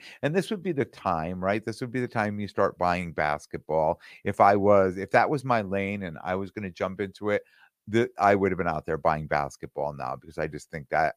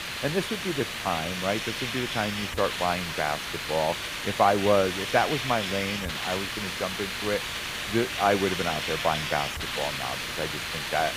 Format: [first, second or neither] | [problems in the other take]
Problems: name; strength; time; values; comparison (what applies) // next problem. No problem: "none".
first | hiss; loud; throughout; 2 dB below the speech